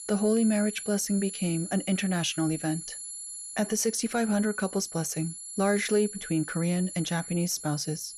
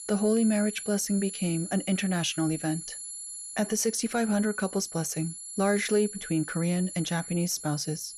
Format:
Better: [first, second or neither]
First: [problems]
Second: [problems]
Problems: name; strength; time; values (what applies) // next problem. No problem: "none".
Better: neither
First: high-pitched whine; loud; throughout; 11 kHz, 9 dB below the speech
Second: high-pitched whine; loud; throughout; 11 kHz, 9 dB below the speech